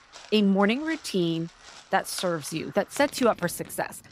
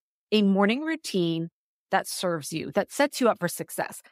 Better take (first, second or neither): second